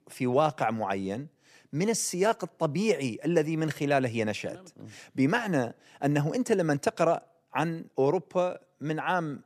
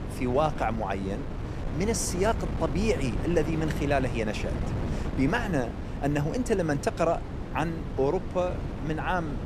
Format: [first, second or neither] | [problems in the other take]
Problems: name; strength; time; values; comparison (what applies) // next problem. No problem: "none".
first | wind noise on the microphone; occasional gusts; 10 dB below the speech